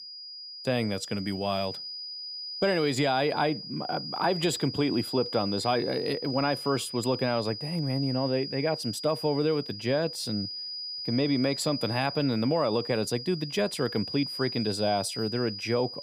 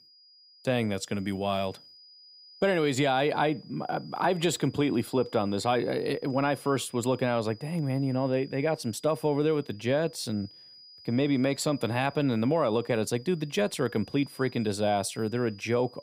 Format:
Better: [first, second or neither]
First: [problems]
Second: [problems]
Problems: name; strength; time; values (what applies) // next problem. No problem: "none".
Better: second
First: high-pitched whine; loud; throughout; 5 kHz, 7 dB below the speech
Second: high-pitched whine; faint; throughout; 5 kHz, 20 dB below the speech